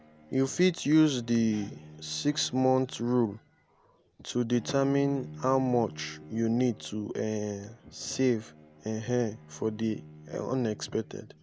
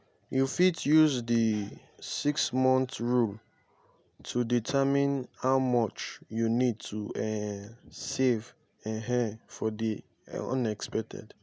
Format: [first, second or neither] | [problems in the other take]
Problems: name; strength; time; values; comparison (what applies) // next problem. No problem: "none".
second | background sound (Bowed string instrument); 19 dB below the speech